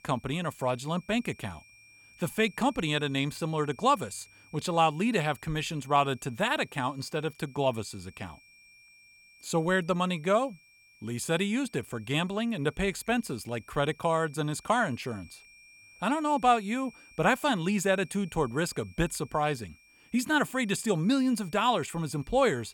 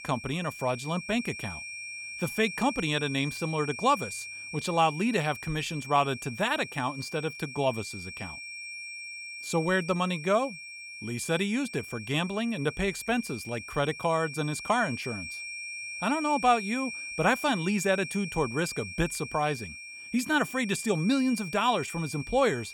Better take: first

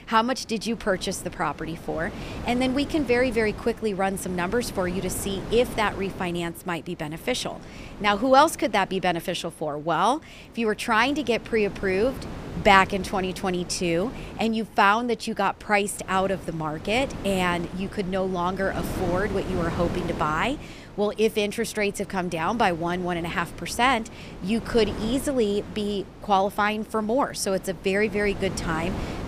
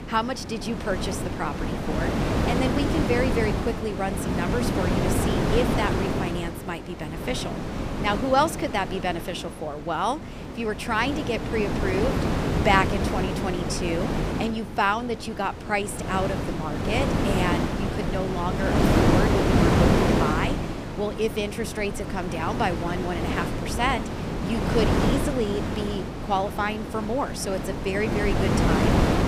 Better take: first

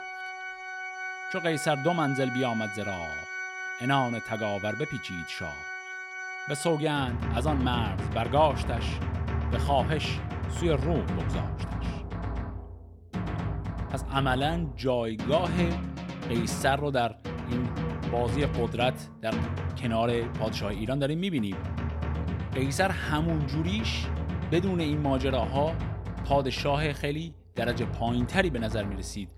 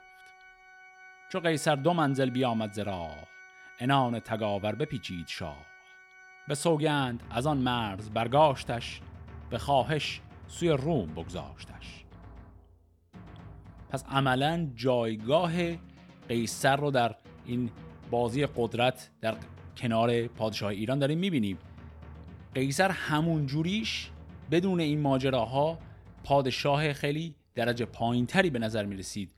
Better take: second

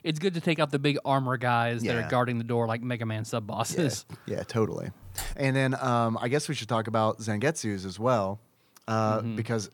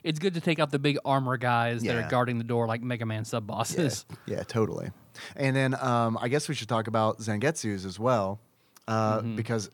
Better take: second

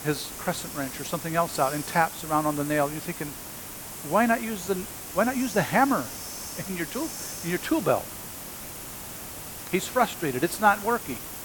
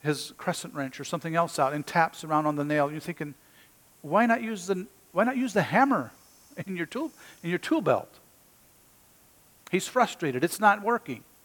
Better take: second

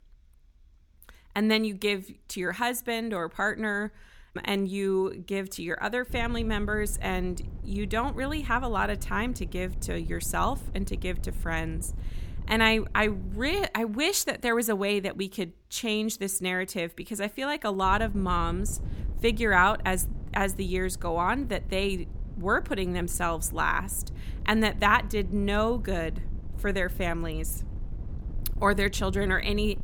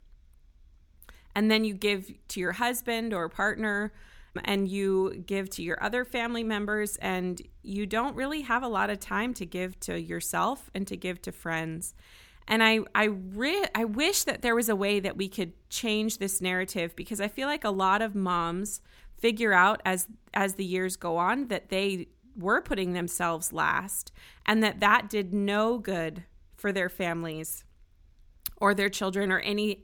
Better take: second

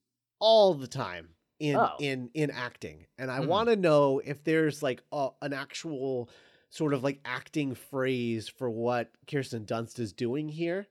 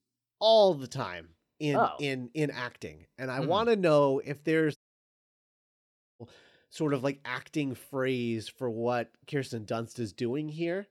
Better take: first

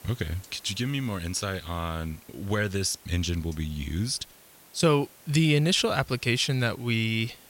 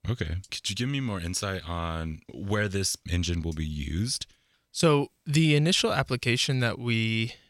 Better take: second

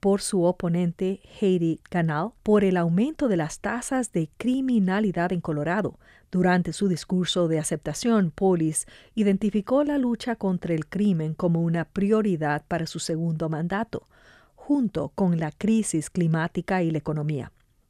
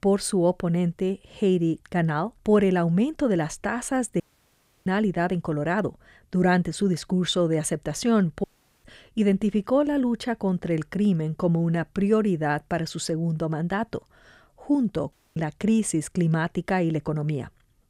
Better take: first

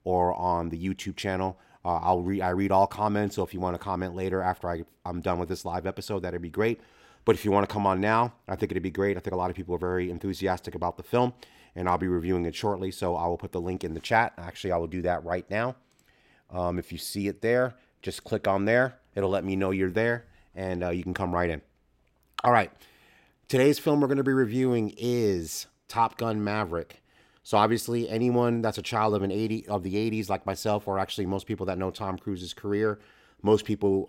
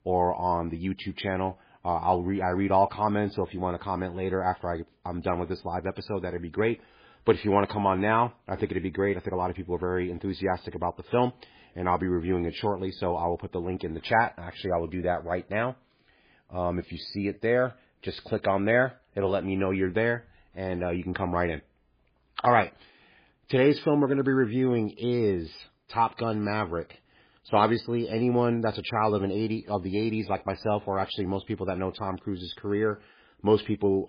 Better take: first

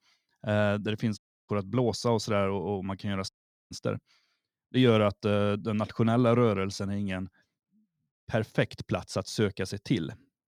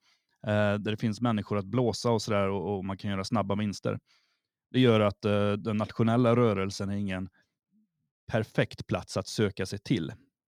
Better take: second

